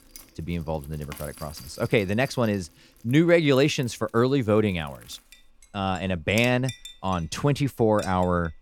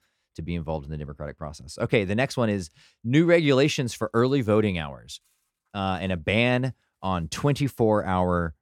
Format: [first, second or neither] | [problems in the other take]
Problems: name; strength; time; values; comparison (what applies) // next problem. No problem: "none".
second | household noises; faint; throughout; 20 dB below the speech